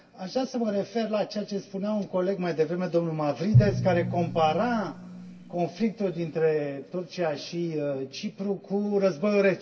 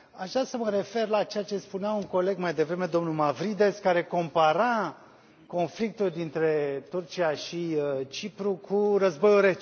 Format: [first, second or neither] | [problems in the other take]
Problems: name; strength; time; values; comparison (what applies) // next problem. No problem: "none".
second | background sound (Drum); 7 dB below the speech // room echo; dies away in 0.2 s